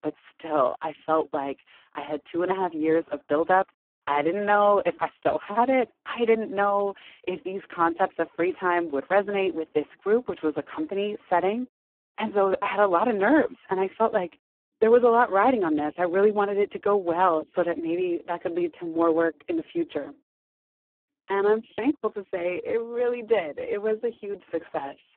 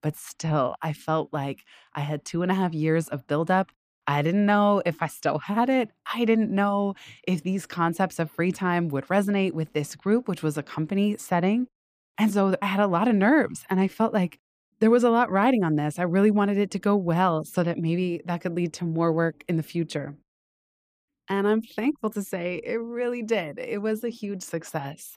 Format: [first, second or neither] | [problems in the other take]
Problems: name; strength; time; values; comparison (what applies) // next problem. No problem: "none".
second | phone-call audio; poor line